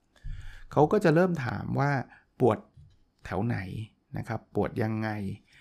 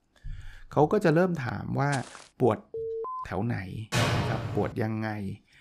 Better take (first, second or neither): first